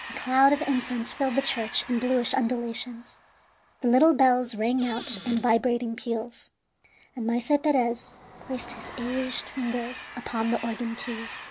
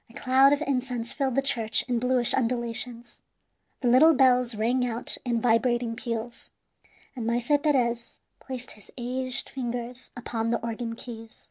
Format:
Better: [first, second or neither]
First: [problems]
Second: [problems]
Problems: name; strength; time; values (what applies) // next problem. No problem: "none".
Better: second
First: background sound (Squeak / Cupboard open or close + Train); 15 dB below the speech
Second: none